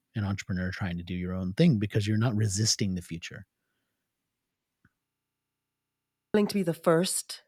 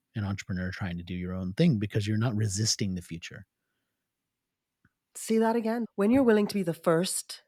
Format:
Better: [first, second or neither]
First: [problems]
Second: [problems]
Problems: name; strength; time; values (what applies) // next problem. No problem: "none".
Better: second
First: audio freezing; at 5 s for 1.5 s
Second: none